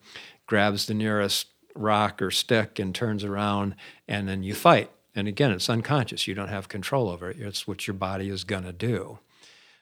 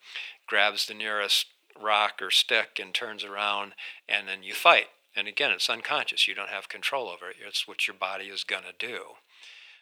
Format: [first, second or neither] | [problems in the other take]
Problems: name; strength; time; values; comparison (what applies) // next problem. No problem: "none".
first | thin; very; fading below 700 Hz